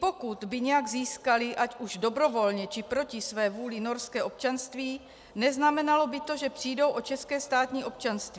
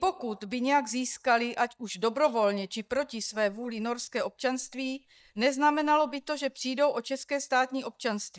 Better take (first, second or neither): first